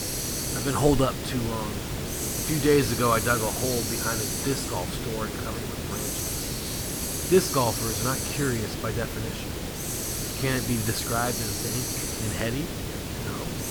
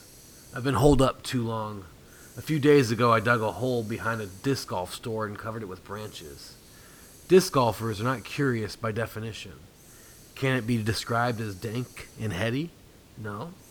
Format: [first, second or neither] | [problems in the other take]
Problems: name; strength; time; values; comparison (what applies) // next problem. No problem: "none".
second | hiss; loud; throughout; 1 dB below the speech; faint in the second